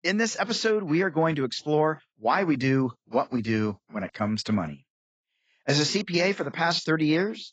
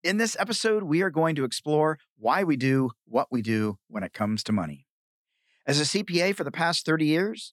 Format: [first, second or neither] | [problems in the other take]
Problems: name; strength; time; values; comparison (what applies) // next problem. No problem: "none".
second | garbled, watery; badly; nothing above 7.5 kHz